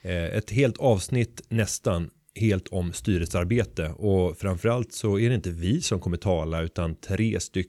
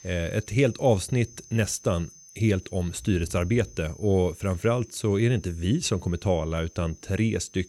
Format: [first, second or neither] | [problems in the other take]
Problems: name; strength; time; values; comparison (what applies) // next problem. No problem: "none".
first | high-pitched whine; faint; throughout; 6 kHz, 20 dB below the speech